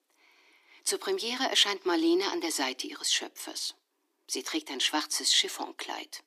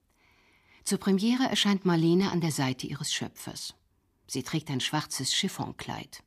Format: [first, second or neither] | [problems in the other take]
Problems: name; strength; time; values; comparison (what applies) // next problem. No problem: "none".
second | thin; very; fading below 300 Hz